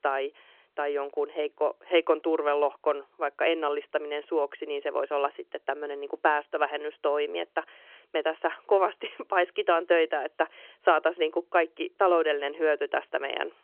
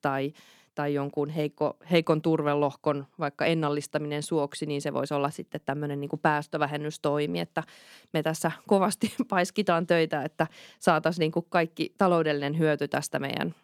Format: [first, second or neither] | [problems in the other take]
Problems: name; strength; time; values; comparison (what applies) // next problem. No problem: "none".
second | phone-call audio; nothing above 3 kHz